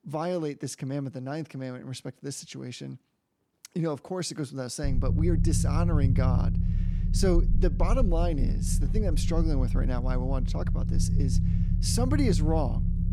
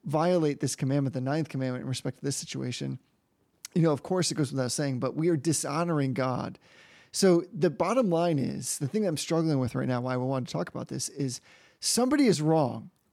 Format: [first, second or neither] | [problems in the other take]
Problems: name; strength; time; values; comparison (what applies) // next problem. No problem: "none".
second | low rumble; loud; from 5 s on; 7 dB below the speech